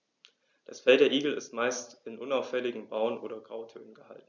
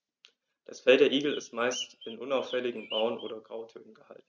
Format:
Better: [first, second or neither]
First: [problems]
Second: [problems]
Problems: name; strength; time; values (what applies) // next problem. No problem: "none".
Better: first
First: none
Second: noise reduction (neural mask model RNNoise)